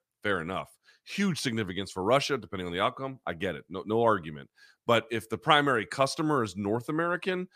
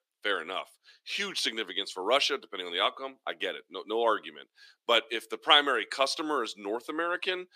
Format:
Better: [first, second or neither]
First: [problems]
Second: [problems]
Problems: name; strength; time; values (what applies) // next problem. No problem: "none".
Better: first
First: none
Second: thin; somewhat; fading below 300 Hz